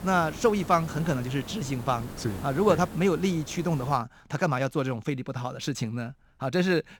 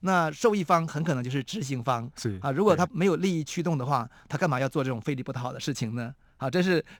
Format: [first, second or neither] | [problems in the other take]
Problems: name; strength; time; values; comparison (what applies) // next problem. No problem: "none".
second | hiss; noticeable; until 4 s; 15 dB below the speech